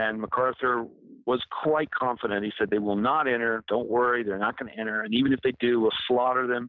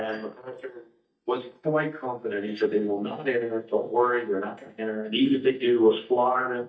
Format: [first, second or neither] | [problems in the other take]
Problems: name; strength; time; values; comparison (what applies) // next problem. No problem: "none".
first | noise reduction (neural mask model DeepFilterNet 3)